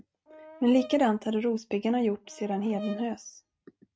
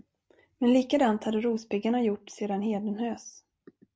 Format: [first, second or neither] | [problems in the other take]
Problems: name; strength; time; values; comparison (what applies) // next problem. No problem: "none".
second | noise reduction (neural mask model RNNoise)